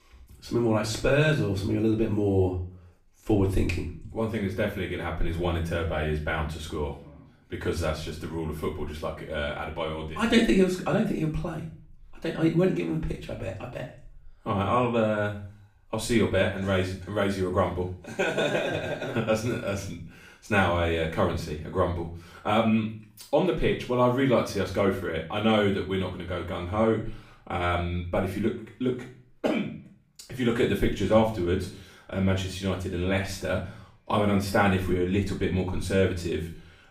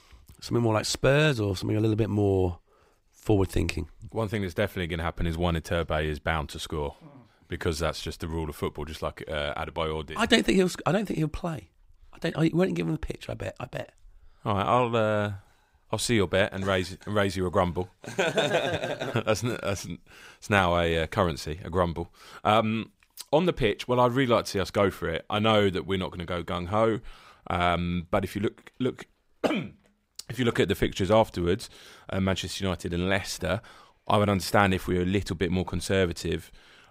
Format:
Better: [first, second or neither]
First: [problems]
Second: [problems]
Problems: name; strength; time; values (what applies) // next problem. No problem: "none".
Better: second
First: room echo; slight; dies away in 0.4 s // off-mic speech; far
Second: none